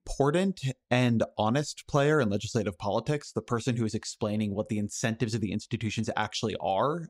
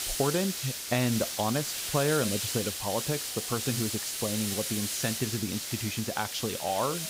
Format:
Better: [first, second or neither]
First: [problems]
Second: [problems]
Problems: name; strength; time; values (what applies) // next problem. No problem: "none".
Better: first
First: none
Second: hiss; loud; throughout; 1 dB below the speech